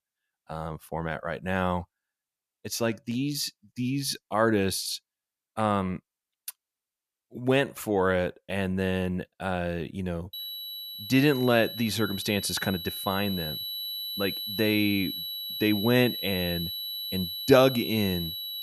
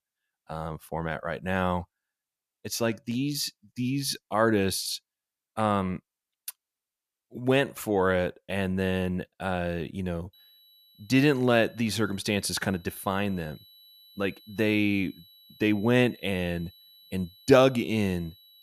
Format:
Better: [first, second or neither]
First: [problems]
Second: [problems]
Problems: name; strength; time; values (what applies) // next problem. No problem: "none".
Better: second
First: high-pitched whine; loud; from 10 s on; 4 kHz, 5 dB below the speech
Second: high-pitched whine; faint; from 10 s on; 4 kHz, 25 dB below the speech